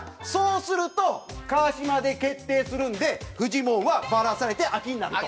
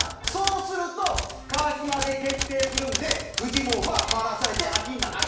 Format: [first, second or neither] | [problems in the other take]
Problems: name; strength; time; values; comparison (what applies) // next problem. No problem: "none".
first | background sound (Typewriter); 2 dB below the speech // room echo; dies away in 0.7 s